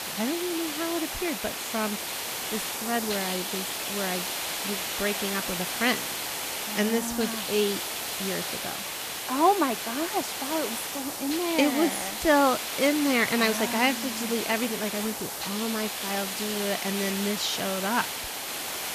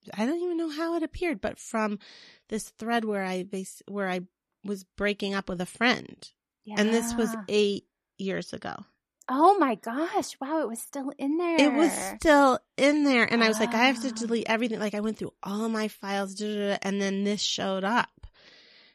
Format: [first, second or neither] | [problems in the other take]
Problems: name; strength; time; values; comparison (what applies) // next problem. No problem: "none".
second | hiss; loud; throughout; 2 dB below the speech